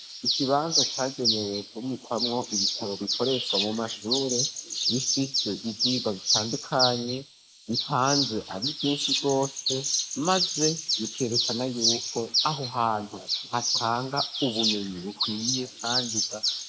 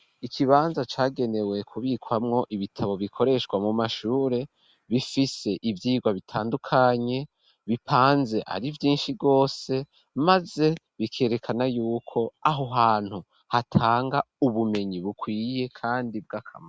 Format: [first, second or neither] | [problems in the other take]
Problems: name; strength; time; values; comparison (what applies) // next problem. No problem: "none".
second | noise reduction (neural mask model Resemble Enhance denoiser)